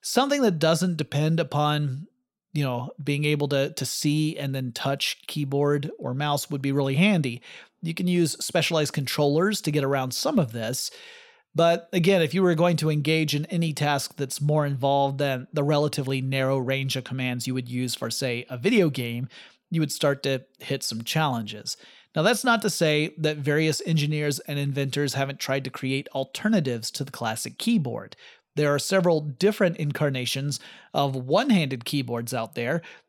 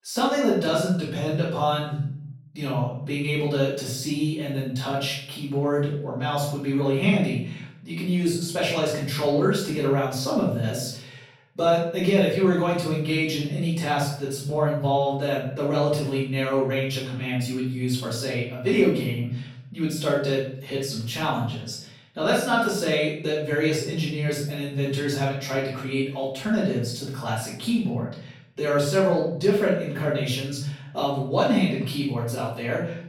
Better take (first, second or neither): first